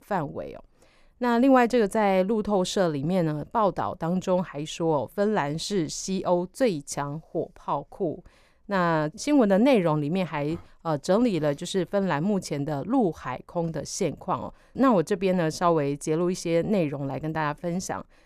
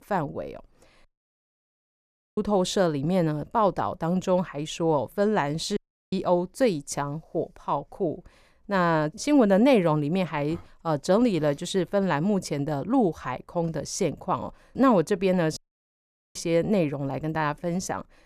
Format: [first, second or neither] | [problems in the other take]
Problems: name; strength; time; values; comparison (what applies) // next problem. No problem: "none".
first | audio cutting out; at 1 s for 1.5 s, at 6 s and at 16 s for 1 s